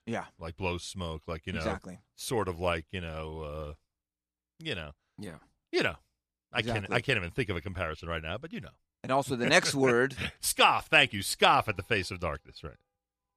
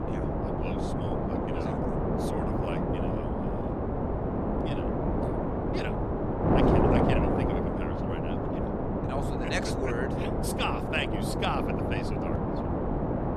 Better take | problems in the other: first | wind noise on the microphone; heavy; 5 dB above the speech

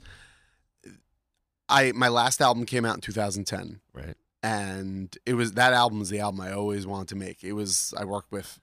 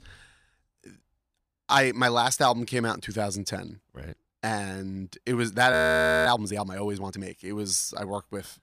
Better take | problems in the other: first | audio freezing; at 5.5 s for 0.5 s

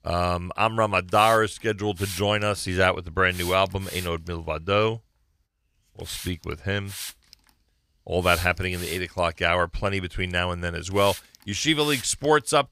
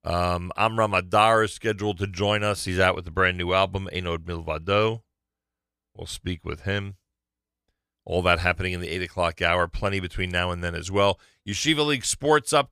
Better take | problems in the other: second | hiss; noticeable; throughout; 15 dB below the speech

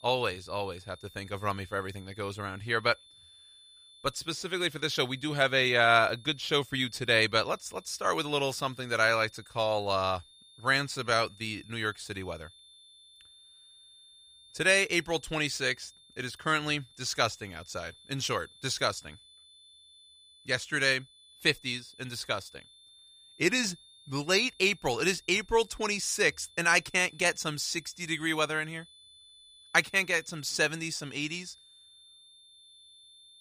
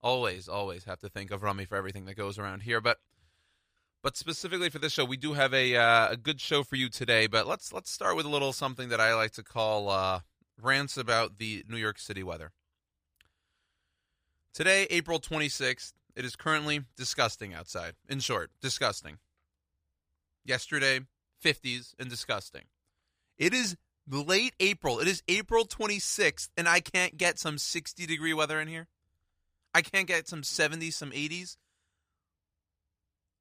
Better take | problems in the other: second | high-pitched whine; faint; throughout; 3.5 kHz, 25 dB below the speech

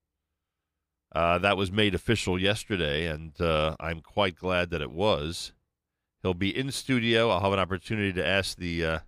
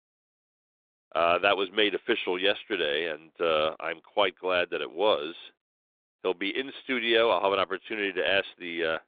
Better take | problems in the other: first | phone-call audio; nothing above 3.5 kHz

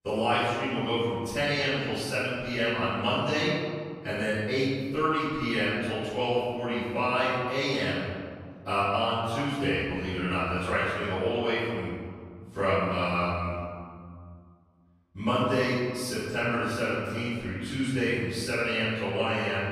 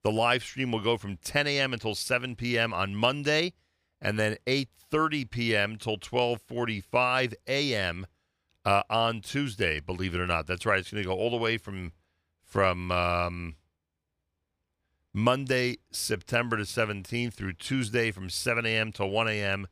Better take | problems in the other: second | off-mic speech; far // room echo; strong; dies away in 2 s

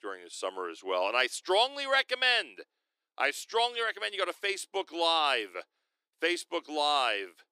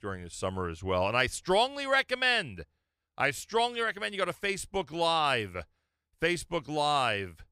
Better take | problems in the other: second | thin; somewhat; fading below 300 Hz

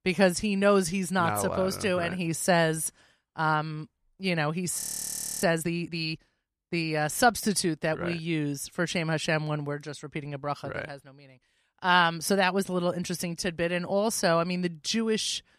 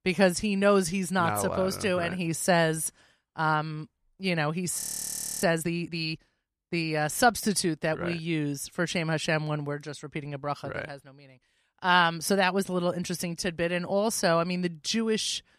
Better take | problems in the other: neither | audio freezing; at 5 s for 0.5 s; the same in both

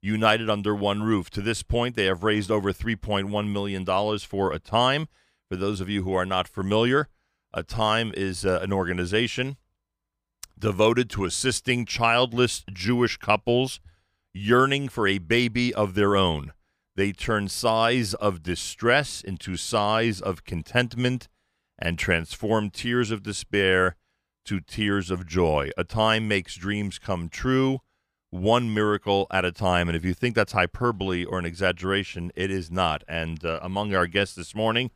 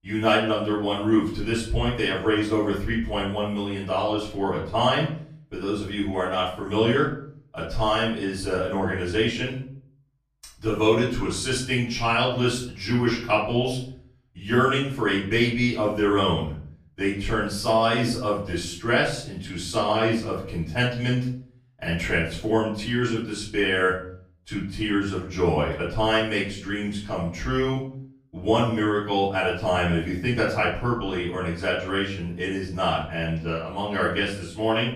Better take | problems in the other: first | off-mic speech; far // room echo; noticeable; dies away in 0.5 s

